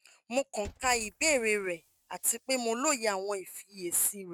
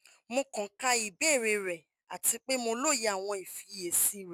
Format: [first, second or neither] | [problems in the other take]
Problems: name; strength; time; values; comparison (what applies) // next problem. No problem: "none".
second | noise reduction (neural mask model RNNoise)